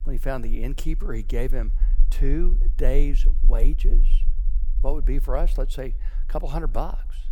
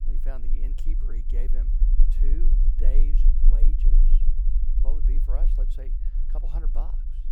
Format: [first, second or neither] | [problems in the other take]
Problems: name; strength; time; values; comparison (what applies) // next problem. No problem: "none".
first | low rumble; loud; throughout; 4 dB below the speech; faint in the first